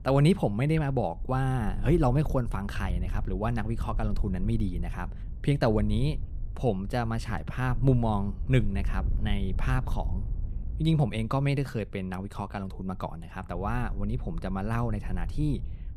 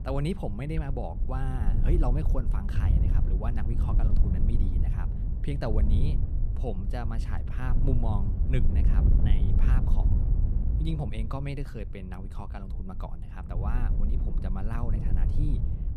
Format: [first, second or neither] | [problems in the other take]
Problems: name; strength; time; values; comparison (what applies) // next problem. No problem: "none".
first | wind noise on the microphone; heavy; 4 dB below the speech; occasional gusts in the first